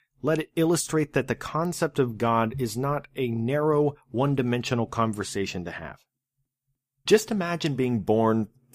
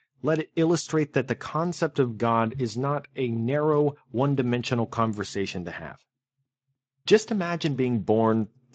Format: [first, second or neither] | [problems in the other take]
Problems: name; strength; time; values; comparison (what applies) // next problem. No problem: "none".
first | garbled, watery; slightly; nothing above 7.5 kHz